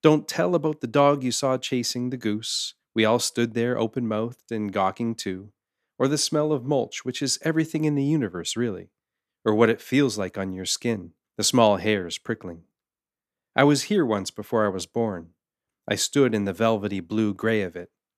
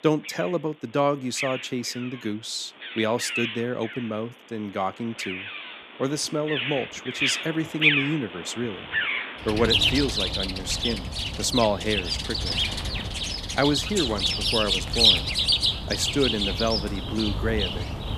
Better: first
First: none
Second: animal sounds; very loud; throughout; 3 dB above the speech

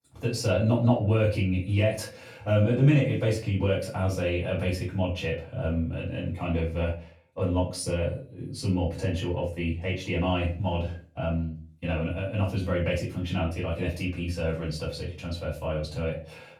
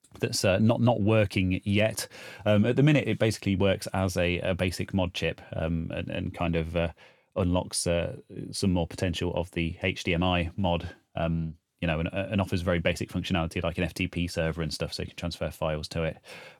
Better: second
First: off-mic speech; far // room echo; slight; dies away in 0.3 s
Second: none

